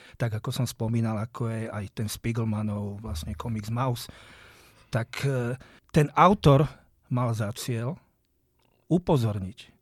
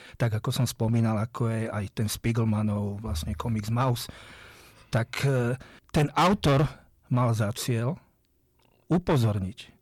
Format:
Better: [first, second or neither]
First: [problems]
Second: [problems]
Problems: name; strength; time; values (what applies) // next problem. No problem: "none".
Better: first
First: none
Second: distortion; heavy; 4% of the sound clipped